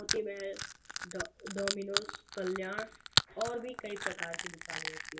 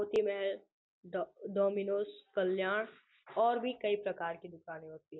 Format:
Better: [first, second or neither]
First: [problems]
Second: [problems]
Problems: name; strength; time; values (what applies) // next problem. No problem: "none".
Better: second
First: background sound (Crushing); 2 dB above the speech // room echo; dies away in 0.1 s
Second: none